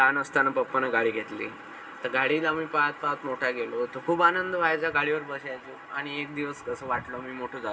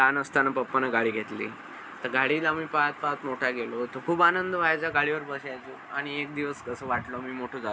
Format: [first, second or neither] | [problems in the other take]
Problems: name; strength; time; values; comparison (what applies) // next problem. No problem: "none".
second | room echo; dies away in 0.8 s